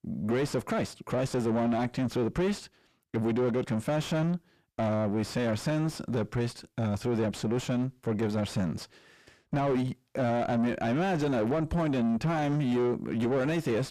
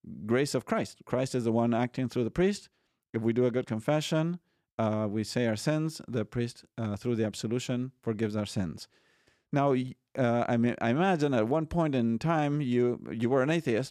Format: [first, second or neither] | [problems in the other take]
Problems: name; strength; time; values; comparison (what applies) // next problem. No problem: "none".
second | distortion; heavy; 7 dB below the speech